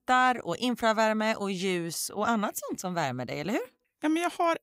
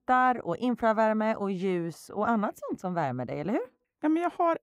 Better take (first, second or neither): first